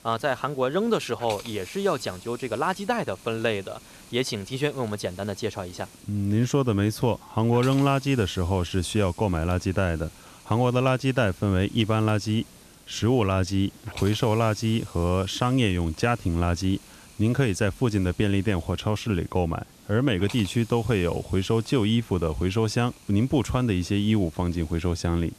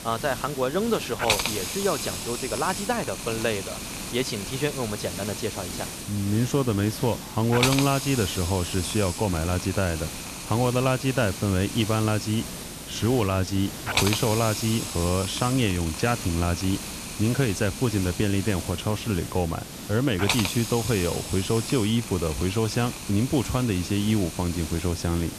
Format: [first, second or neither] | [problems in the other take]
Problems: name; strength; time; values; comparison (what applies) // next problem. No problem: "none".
first | hiss; loud; throughout; 5 dB below the speech; faint in the first